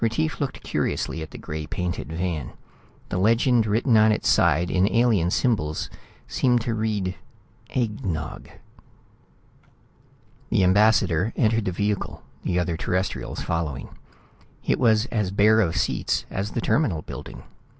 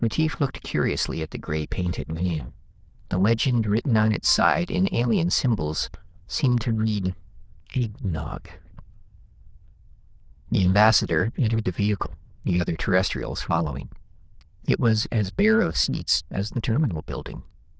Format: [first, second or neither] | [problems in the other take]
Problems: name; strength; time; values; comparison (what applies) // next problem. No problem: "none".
first | noise reduction (neural diffusion model UNIVERSE++)